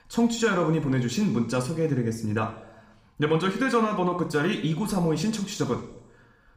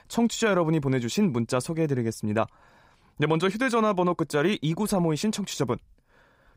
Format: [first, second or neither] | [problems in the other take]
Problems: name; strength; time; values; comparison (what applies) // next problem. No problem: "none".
second | room echo; slight; dies away in 0.7 s // off-mic speech; somewhat distant